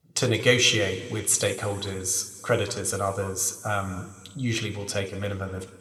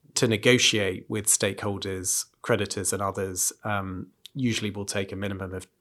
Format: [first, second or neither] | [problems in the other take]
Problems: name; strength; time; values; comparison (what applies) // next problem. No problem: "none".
second | room echo; slight; dies away in 2.5 s